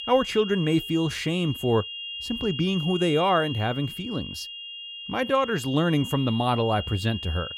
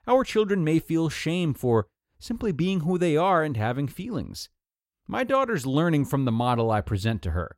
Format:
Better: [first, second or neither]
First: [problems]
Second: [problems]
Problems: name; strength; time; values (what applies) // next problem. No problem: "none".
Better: second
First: high-pitched whine; loud; throughout; 3 kHz, 8 dB below the speech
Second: none